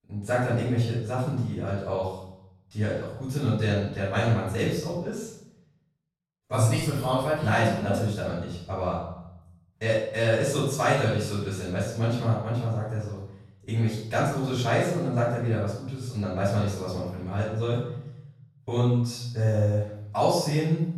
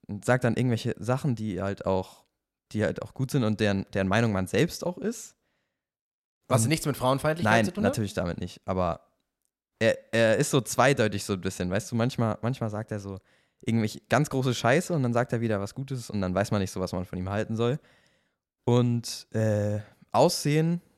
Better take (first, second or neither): second